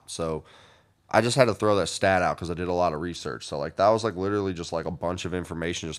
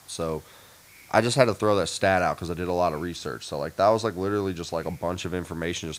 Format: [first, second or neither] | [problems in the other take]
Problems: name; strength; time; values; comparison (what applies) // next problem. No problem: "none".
first | hiss; faint; throughout; 25 dB below the speech